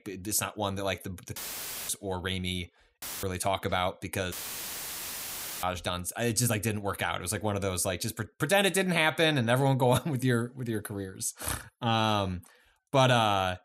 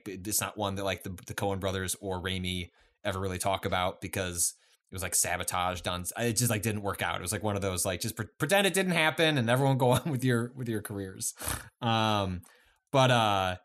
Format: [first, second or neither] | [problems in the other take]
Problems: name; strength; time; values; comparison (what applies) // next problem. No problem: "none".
second | audio cutting out; filled with static; at 1.5 s for 0.5 s, at 3 s and at 4.5 s for 1.5 s